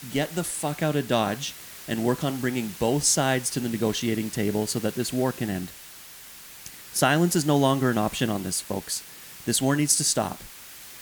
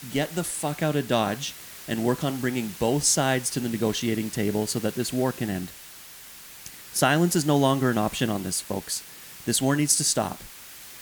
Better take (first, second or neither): neither